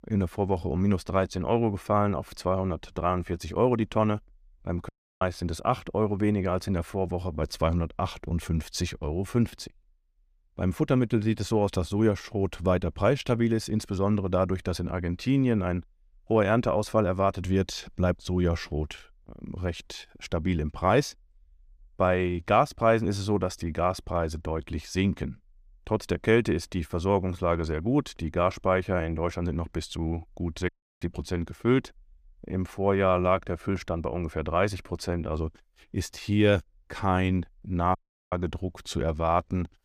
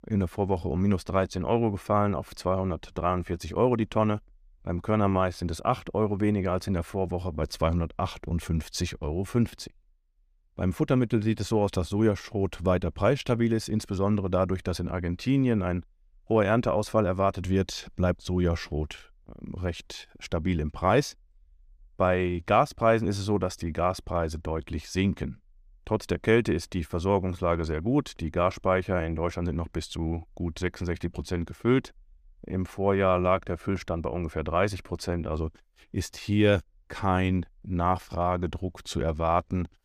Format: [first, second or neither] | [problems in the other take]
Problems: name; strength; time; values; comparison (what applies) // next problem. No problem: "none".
second | audio cutting out; at 5 s, at 31 s and at 38 s